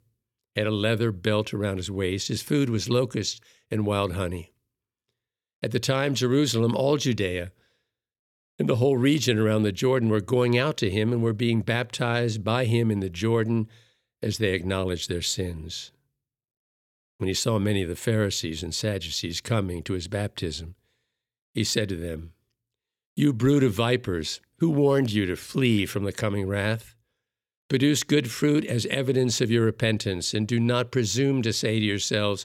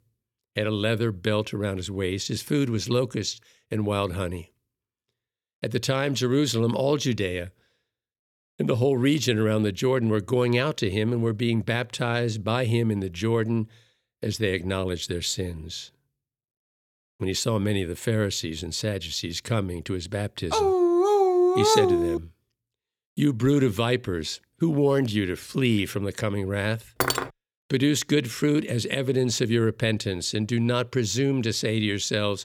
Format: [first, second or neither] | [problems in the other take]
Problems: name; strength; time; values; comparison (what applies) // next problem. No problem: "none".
first | dog barking; loud; from 21 to 22 s; peak 6 dB above the speech // clattering dishes; loud; at 27 s; peak level with the speech